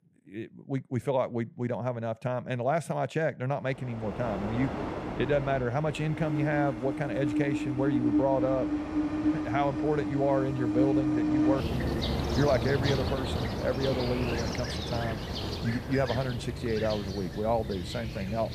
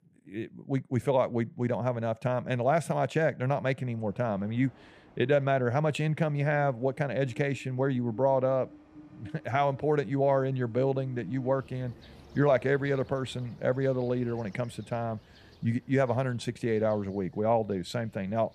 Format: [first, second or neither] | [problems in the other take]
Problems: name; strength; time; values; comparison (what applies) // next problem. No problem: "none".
second | train or aircraft noise; loud; from 4 s on; 1 dB below the speech; faint in the second